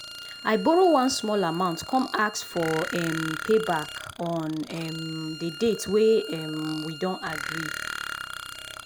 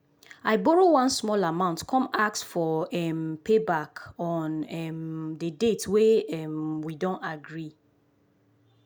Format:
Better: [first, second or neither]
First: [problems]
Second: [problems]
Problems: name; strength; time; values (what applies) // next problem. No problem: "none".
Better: second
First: background sound (Bowed string instrument + Burping, eructation); 11 dB below the speech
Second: none